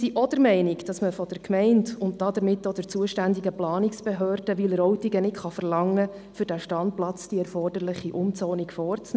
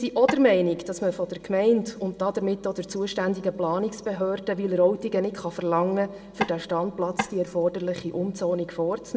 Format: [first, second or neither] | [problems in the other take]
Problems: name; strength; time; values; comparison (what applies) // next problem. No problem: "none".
first | background sound (Tap / Wood); 7 dB below the speech // room echo; dies away in 0.5 s